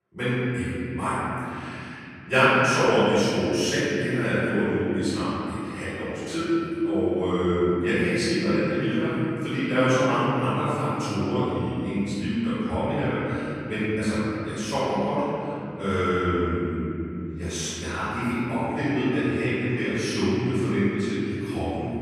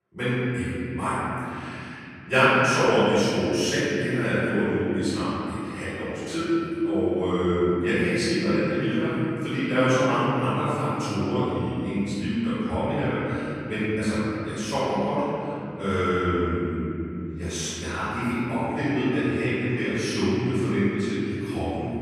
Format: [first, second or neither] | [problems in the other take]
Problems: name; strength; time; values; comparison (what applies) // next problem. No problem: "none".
neither | off-mic speech; far; the same in both // room echo; strong; dies away in 3 s; the same in both